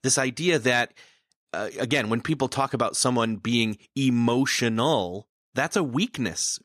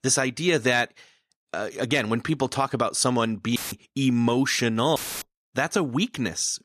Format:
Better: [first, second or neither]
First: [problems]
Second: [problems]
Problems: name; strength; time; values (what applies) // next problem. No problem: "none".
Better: first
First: none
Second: audio cutting out; filled with static; at 3.5 s and at 5 s